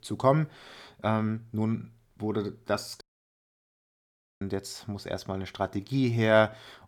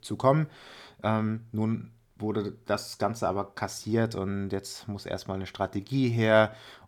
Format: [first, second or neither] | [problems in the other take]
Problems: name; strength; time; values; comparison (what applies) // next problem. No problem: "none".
second | audio cutting out; at 3 s for 1.5 s